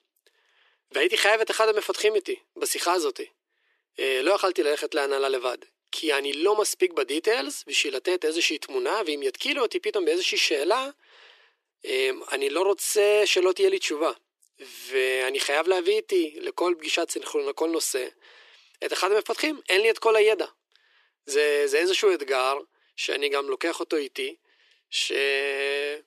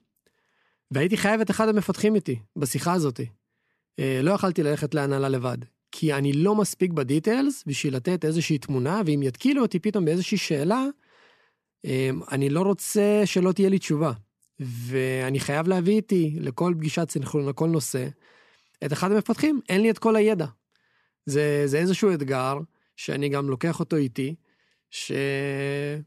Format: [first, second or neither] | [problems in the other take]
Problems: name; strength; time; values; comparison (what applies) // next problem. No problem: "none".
second | thin; very; fading below 350 Hz